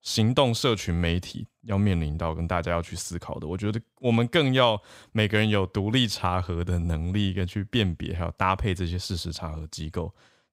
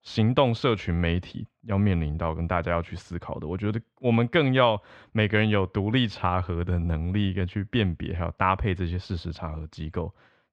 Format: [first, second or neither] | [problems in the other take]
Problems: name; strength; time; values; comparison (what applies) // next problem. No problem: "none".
first | muffled; slightly; fading above 2 kHz